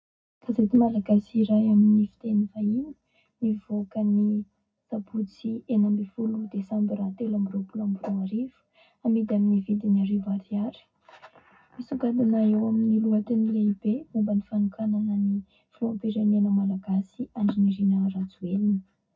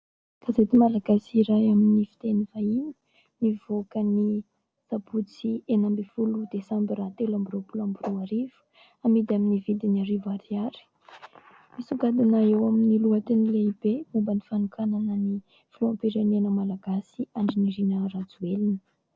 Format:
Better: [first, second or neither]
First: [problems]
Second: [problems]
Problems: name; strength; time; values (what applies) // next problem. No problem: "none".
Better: second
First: room echo; dies away in 0.4 s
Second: none